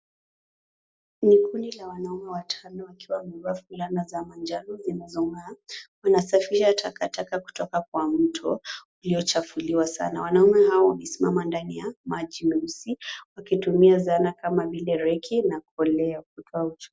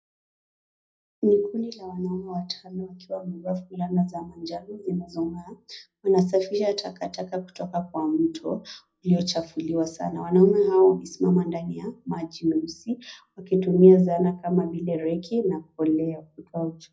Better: first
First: none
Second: room echo; dies away in 0.3 s

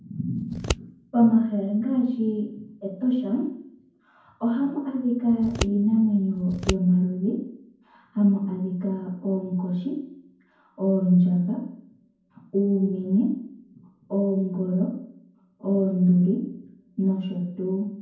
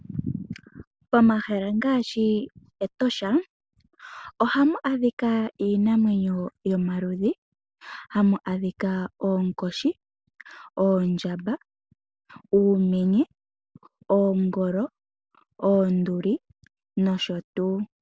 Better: second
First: background sound (Scissors); 8 dB below the speech // room echo; dies away in 0.9 s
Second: none

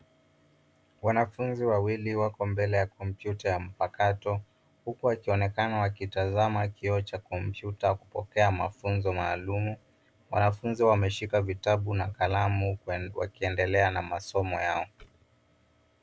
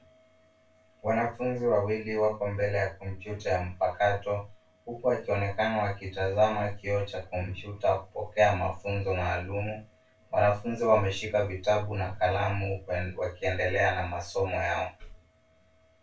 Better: first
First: none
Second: room echo; dies away in 0.2 s

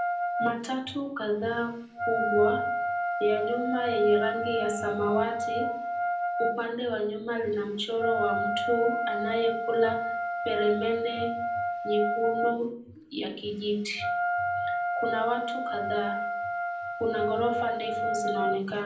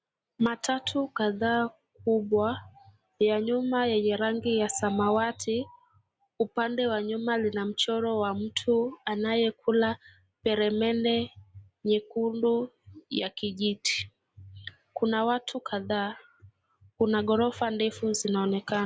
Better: second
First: background sound (Wind instrument, woodwind instrument); 1 dB below the speech // room echo; dies away in 0.6 s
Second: none

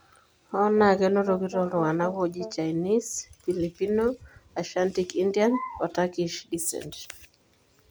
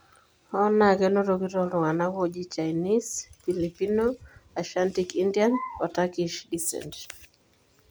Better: second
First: background sound (Brass instrument); 13 dB below the speech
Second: none

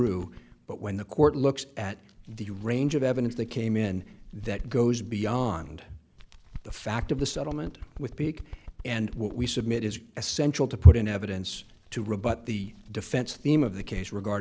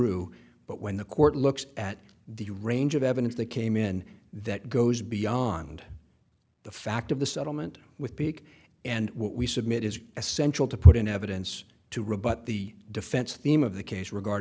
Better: second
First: background sound (Bird); 17 dB below the speech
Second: none

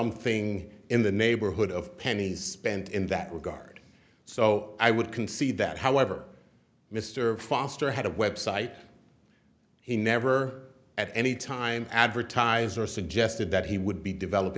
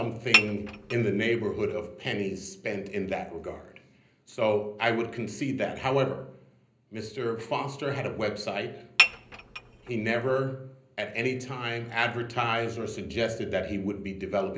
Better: first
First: none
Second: background sound (Dishes, pots, and pans / Chink, clink); 2 dB above the speech // room echo; dies away in 0.5 s

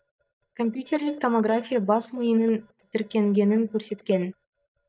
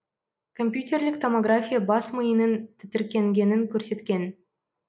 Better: second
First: noise reduction (neural mask model DeepFilterNet 3)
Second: none

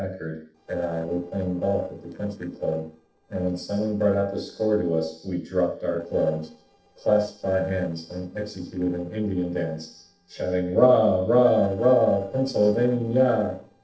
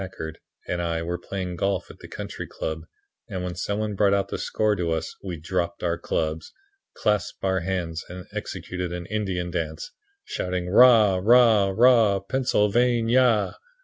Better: second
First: noise reduction (neural separator model SepFormer DNS4)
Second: none

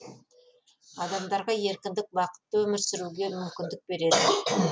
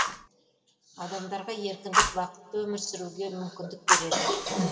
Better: first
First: none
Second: background sound (Fire); 2 dB above the speech // room echo; dies away in 2 s

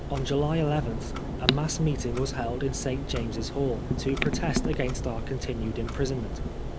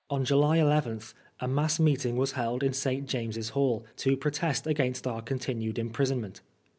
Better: second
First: background sound (Clock); 1 dB below the speech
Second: none

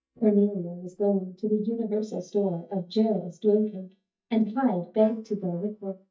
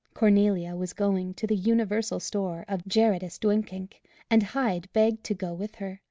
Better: second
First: noise reduction (neural mask model DeepFilterNet 3)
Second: none

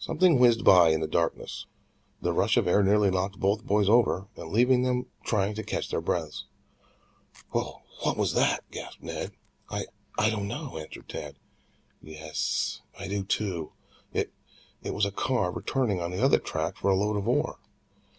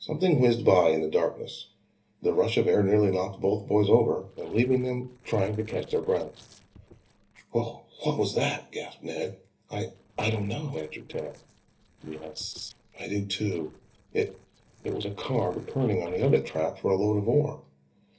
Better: first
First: none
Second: noise reduction (neural separator model SepFormer DNS4)

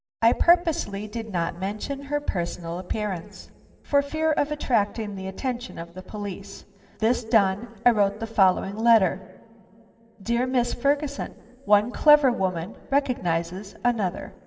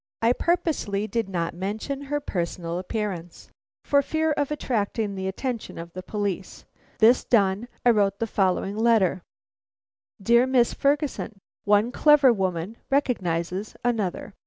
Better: second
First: room echo; dies away in 2.4 s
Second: none

